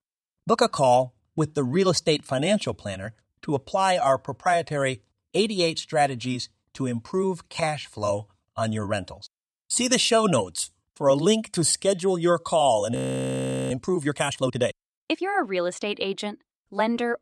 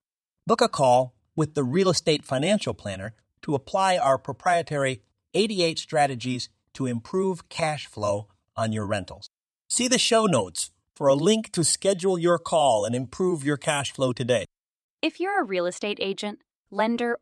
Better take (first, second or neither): second